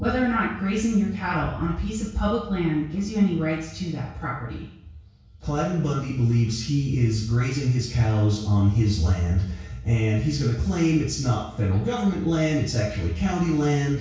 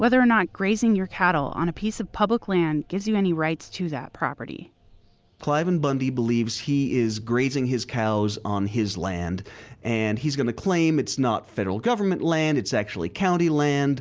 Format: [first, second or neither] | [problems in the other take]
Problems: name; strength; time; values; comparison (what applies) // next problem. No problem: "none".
second | room echo; dies away in 0.6 s